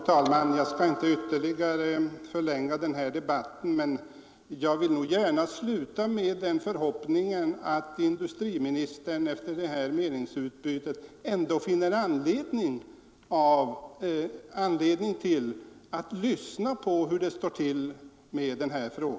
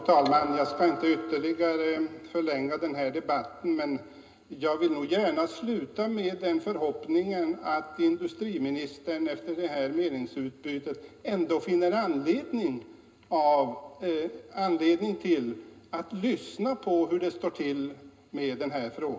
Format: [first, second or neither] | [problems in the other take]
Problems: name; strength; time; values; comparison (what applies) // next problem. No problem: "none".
first | room echo; dies away in 0.2 s